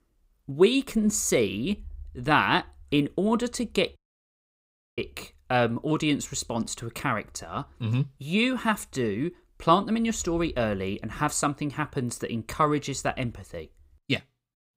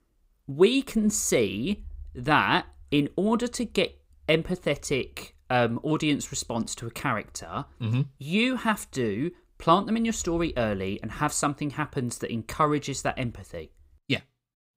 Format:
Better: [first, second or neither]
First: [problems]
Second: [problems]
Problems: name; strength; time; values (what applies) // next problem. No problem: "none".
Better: second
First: audio cutting out; at 4 s for 1 s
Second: none